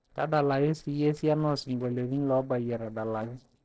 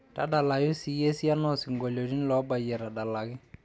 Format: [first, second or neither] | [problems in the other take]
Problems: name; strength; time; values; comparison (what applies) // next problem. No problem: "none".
second | noise reduction (neural separator model SepFormer DNS4)